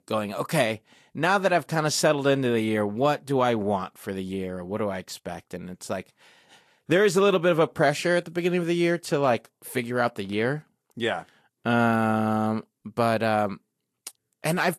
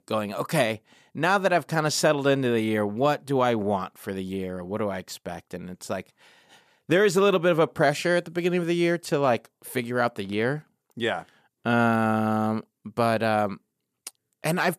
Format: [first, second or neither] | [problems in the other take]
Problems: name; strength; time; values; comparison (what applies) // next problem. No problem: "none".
second | garbled, watery; slightly; nothing above 13 kHz